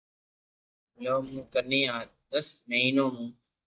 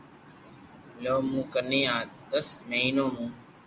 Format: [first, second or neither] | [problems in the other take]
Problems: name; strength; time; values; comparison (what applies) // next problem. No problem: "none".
second | noise reduction (neural mask model DeepFilterNet 3)